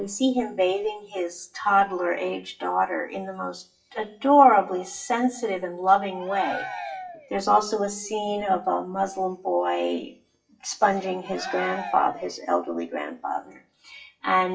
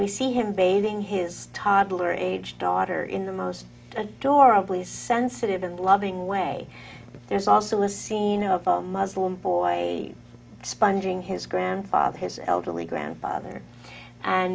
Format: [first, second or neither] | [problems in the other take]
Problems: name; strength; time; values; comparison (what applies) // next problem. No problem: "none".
second | noise reduction (classical method WPE with log-MMSE)